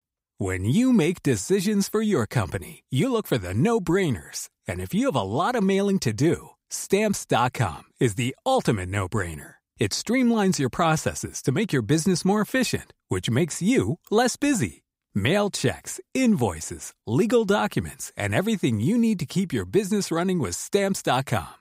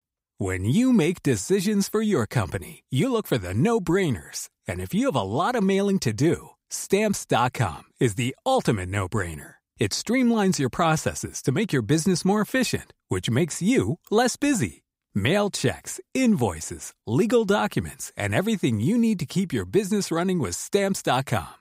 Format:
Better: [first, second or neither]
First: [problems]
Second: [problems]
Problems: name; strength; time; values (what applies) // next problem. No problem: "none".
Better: neither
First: none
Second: none